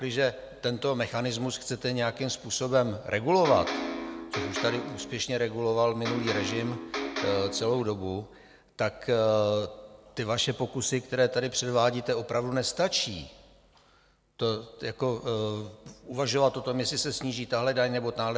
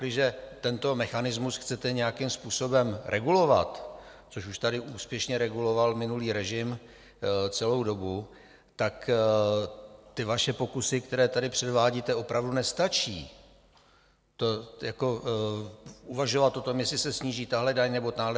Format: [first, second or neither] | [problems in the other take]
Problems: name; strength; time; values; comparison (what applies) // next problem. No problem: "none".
second | background sound (Electric guitar); 5 dB below the speech